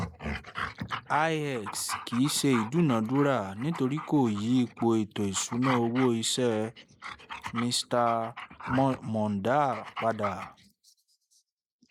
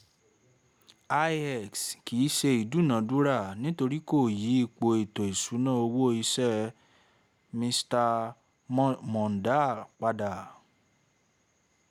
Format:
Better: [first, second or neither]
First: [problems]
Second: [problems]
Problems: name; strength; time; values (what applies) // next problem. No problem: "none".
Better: second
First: noise reduction (neural mask model Resemble Enhance denoiser)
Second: none